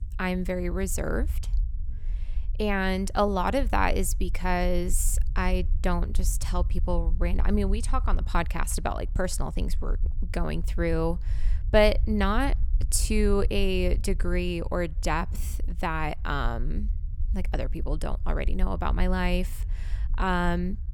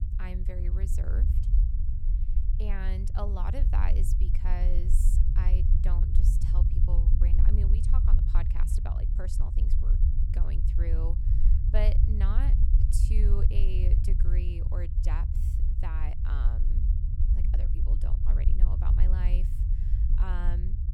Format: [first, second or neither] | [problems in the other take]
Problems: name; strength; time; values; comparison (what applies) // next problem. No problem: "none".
first | low rumble; loud; throughout; 3 dB below the speech; faint in the first